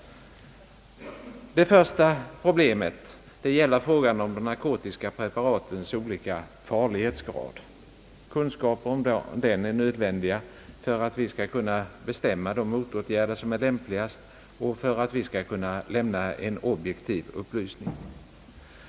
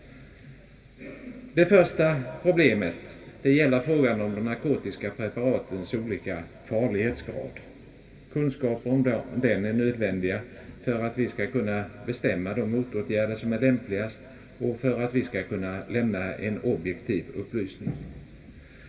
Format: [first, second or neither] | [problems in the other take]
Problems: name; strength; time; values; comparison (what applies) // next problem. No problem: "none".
first | room echo; dies away in 2.3 s